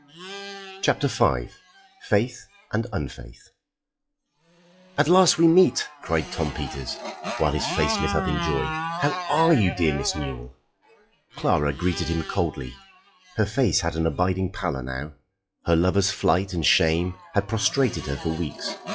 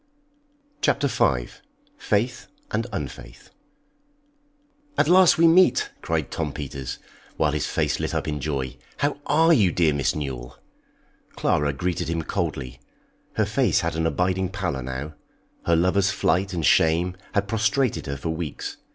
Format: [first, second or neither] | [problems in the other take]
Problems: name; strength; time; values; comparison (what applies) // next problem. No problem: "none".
second | noise reduction (classical method log-MMSE)